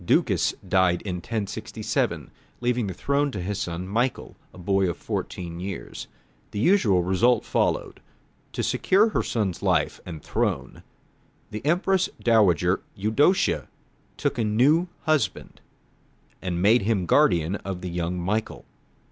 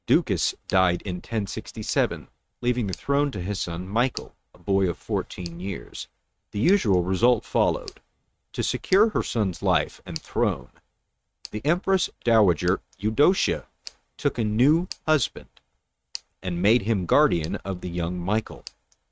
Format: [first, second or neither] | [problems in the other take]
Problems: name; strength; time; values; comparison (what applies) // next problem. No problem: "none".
first | noise reduction (neural mask model RNNoise)